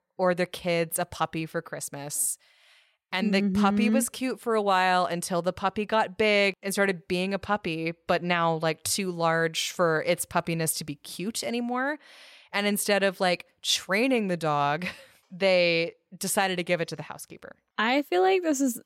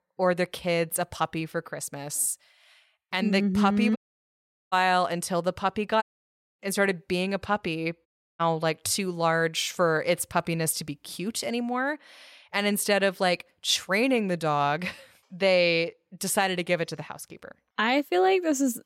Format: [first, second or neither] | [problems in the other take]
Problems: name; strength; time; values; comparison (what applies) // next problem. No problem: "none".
first | audio cutting out; at 4 s for 1 s, at 6 s for 0.5 s and at 8 s